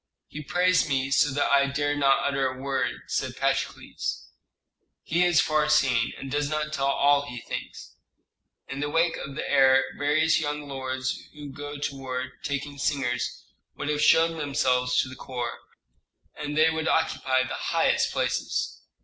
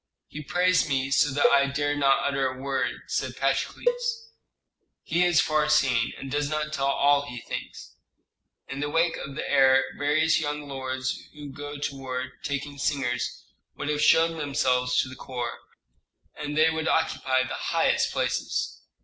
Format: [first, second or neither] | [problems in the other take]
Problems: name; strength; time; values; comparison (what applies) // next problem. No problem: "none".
first | background sound (Cowbell); 4 dB below the speech